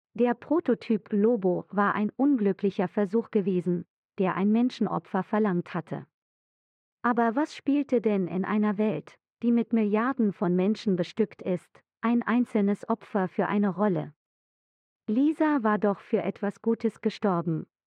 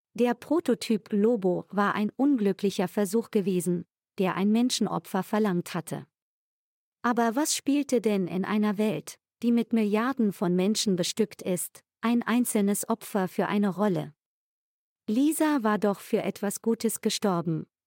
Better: second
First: muffled; very; fading above 2 kHz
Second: none

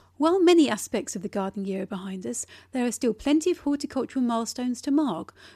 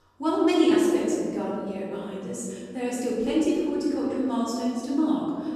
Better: first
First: none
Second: room echo; strong; dies away in 2 s // off-mic speech; far

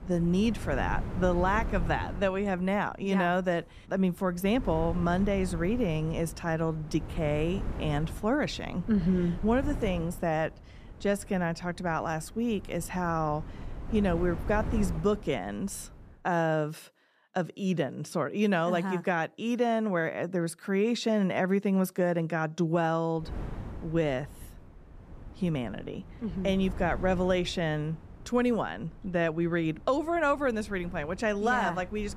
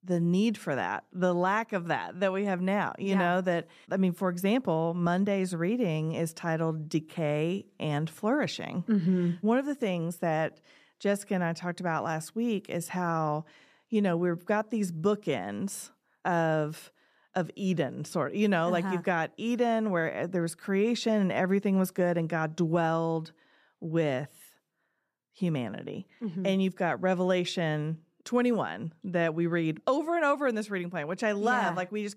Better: second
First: wind noise on the microphone; occasional gusts; until 16 s and from 23 s on; 15 dB below the speech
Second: none

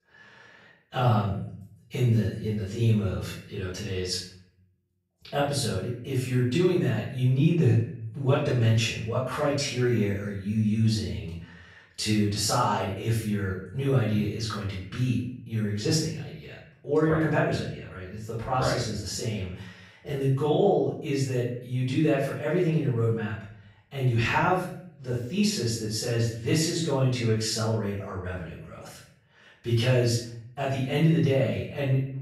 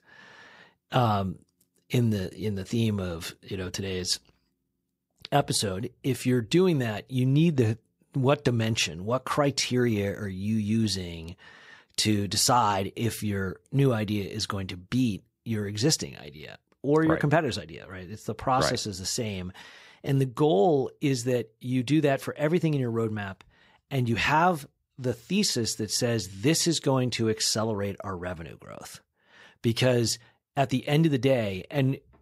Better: second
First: off-mic speech; far // room echo; noticeable; dies away in 0.6 s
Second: none

